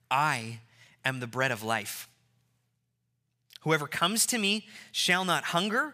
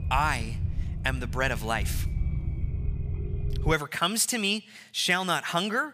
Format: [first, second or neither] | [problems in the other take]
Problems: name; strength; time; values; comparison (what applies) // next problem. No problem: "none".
first | low rumble; noticeable; until 3.5 s; 20 dB below the speech